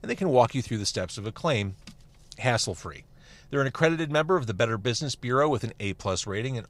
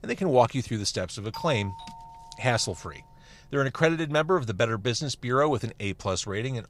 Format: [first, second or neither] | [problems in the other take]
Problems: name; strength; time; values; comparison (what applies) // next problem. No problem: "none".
first | doorbell; faint; from 1.5 to 3 s; peak 10 dB below the speech